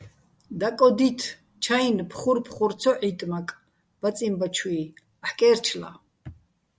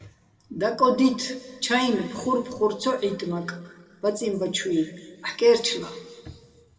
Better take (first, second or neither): first